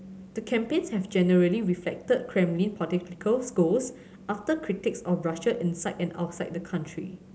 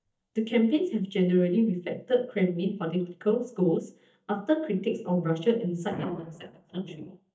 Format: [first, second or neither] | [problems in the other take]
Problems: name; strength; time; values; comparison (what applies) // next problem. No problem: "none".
first | noise reduction (neural mask model DeepFilterNet 3)